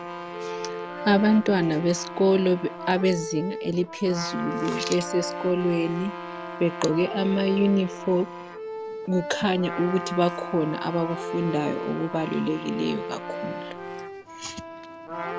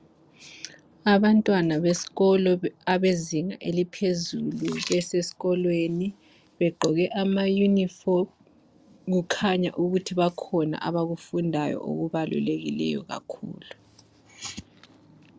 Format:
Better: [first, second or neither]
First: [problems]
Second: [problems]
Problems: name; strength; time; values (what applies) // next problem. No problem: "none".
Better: second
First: background sound (Trumpet + Accordion); 8 dB below the speech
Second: none